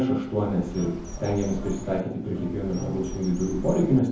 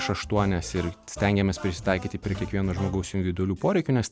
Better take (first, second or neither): second